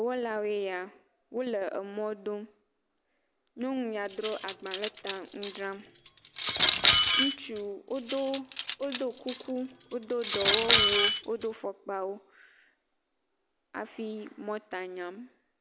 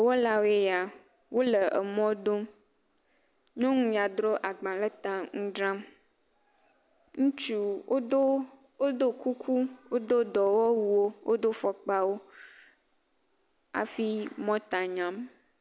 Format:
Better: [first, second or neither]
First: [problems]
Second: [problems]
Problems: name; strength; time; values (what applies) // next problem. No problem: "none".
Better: second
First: background sound (Cutlery, silverware); 5 dB above the speech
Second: none